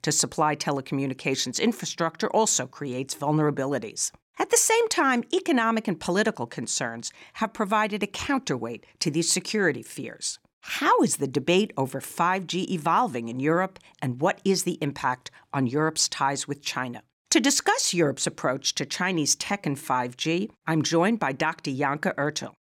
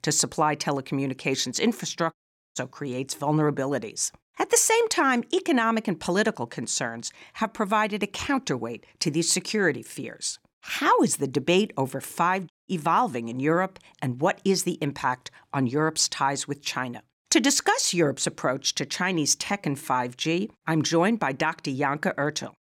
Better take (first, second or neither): first